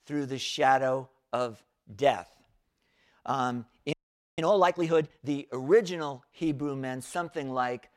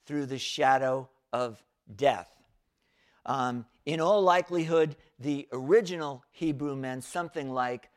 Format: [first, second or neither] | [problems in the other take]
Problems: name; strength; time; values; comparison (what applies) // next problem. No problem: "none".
second | audio freezing; at 4 s